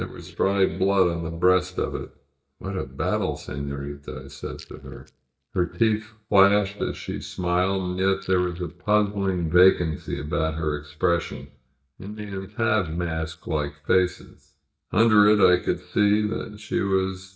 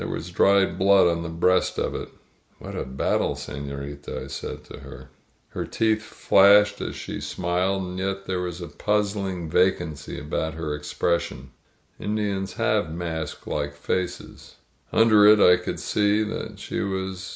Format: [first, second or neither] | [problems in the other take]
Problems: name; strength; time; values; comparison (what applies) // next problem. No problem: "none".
second | noise reduction (neural mask model DeepFilterNet 3)